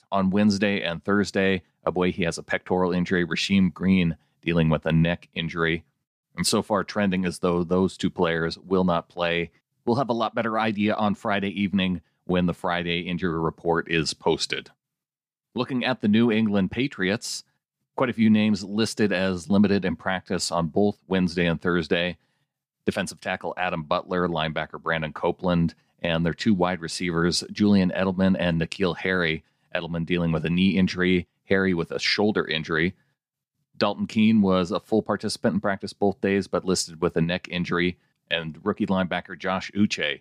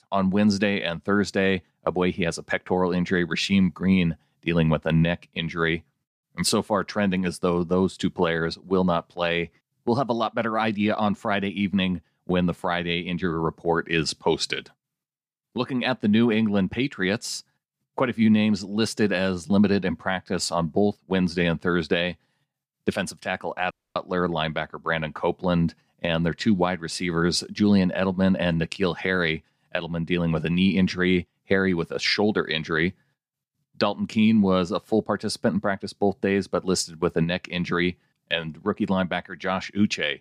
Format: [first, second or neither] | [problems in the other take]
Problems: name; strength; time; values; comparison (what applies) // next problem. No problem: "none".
first | audio cutting out; at 24 s